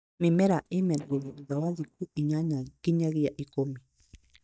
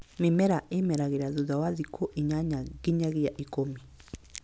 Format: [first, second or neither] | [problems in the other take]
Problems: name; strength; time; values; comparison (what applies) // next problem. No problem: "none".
second | noise reduction (neural mask model DeepFilterNet 3)